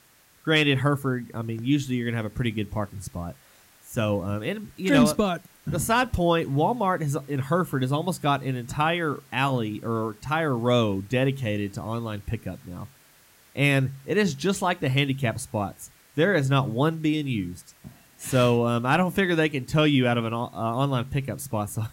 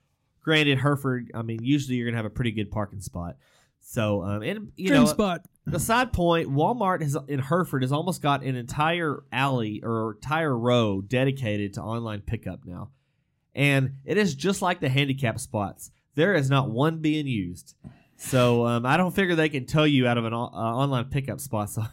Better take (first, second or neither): second